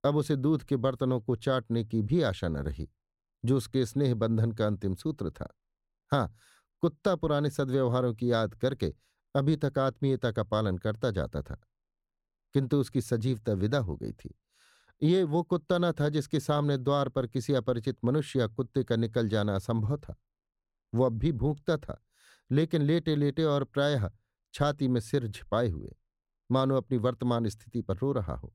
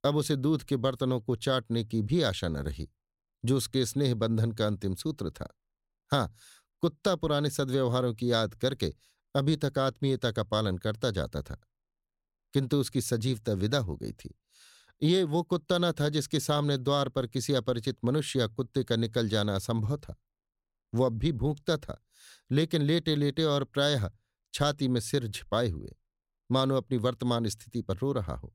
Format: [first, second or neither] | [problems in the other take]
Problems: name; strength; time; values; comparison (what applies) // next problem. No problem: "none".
second | muffled; slightly; fading above 2.5 kHz